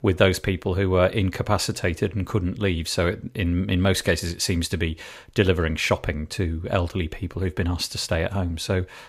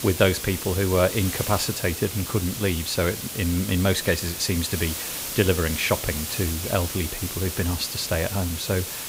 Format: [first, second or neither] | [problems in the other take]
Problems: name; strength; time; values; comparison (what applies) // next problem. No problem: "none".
first | hiss; loud; throughout; 5 dB below the speech